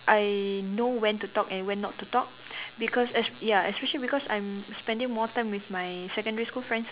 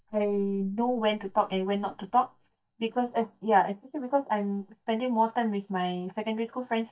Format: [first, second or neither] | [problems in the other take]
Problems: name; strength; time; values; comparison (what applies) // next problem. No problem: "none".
first | noise reduction (neural mask model DeepFilterNet 3)